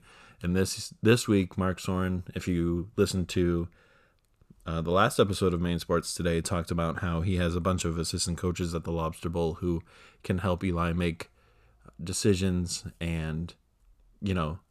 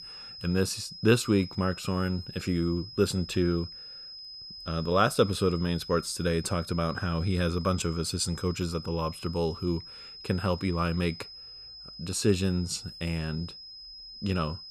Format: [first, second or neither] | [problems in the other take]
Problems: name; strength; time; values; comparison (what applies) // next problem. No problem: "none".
first | high-pitched whine; noticeable; throughout; 5 kHz, 15 dB below the speech